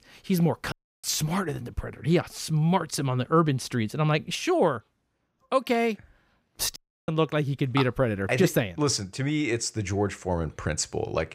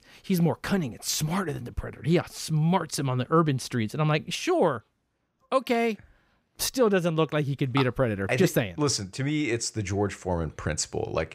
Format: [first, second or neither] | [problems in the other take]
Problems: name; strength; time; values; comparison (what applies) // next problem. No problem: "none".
second | audio cutting out; at 0.5 s and at 7 s